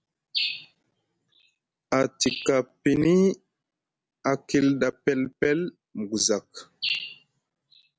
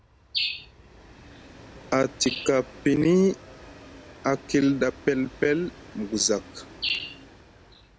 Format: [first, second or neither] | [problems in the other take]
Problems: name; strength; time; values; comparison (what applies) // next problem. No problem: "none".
first | background sound (Train); 20 dB below the speech